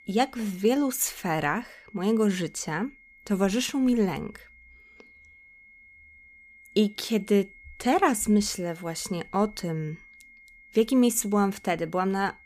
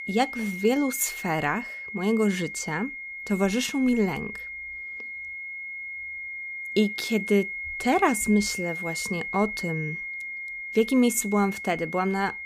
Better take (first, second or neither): first